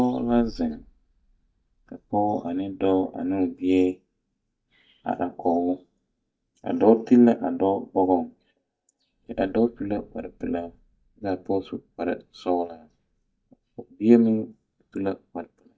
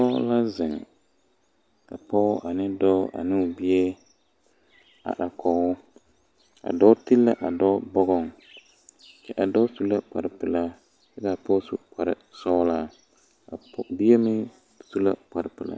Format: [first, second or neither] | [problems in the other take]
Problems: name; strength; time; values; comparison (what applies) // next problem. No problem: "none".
second | noise reduction (neural mask model DeepFilterNet 3)